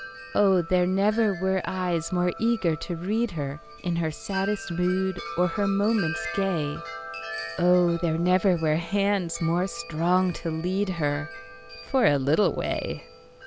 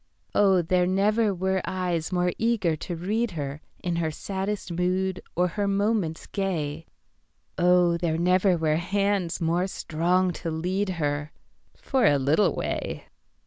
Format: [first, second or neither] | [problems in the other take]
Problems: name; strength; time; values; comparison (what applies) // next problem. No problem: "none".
second | background sound (Wind chime); 14 dB below the speech